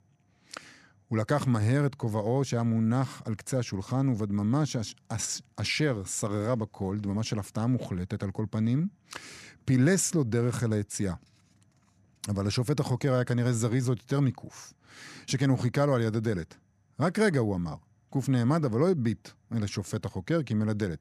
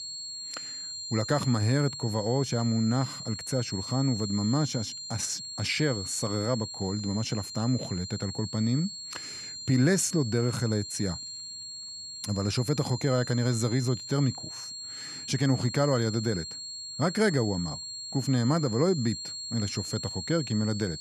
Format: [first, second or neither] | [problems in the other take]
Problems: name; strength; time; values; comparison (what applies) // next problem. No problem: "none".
first | high-pitched whine; loud; throughout; 4.5 kHz, 8 dB below the speech